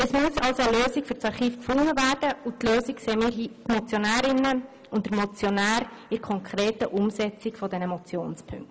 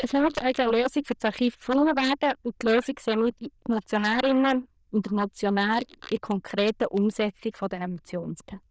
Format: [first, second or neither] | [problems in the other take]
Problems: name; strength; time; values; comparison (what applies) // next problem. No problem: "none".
first | noise reduction (neural diffusion model UNIVERSE++)